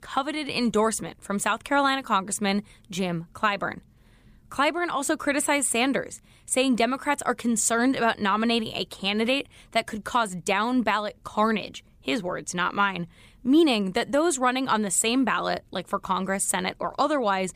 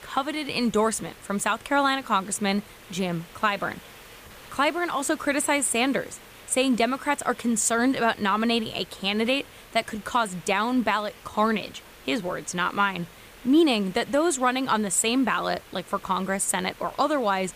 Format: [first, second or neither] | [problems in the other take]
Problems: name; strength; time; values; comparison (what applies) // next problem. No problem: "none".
first | hiss; faint; throughout; 20 dB below the speech